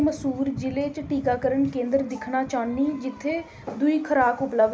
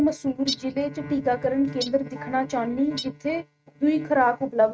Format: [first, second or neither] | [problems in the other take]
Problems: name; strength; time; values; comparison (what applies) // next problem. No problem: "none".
first | noise reduction (neural mask model RNNoise)